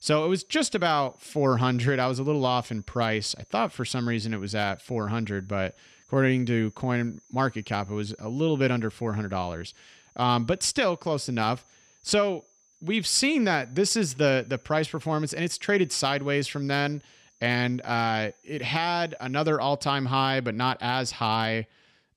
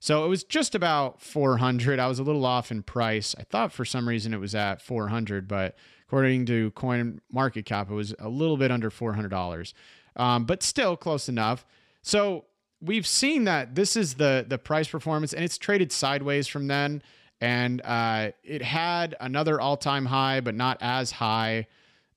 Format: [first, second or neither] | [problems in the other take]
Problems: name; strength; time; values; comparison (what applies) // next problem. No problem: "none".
second | high-pitched whine; faint; until 20 s; 6 kHz, 30 dB below the speech